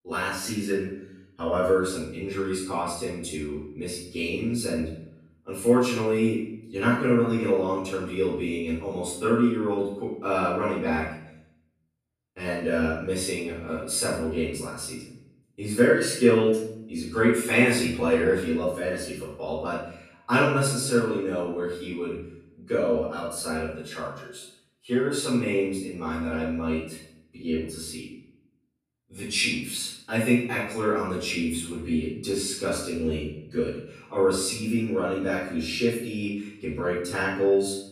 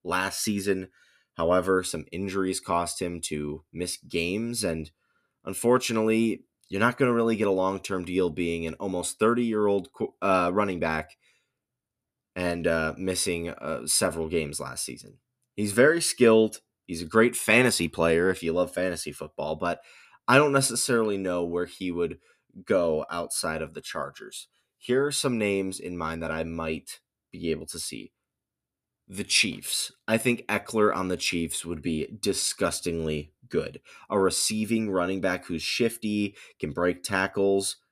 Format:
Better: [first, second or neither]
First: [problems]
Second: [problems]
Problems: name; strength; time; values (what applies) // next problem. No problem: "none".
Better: second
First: off-mic speech; far // room echo; noticeable; dies away in 0.6 s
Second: none